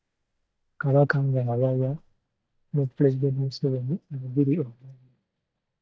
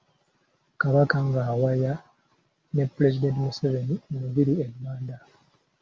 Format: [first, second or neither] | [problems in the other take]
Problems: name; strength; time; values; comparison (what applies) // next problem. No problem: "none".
second | noise reduction (neural mask model DeepFilterNet 3)